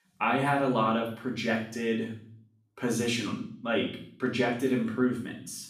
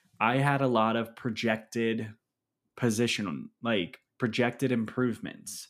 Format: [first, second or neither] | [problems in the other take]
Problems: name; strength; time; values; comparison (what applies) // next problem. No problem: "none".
second | room echo; noticeable; dies away in 0.6 s // off-mic speech; far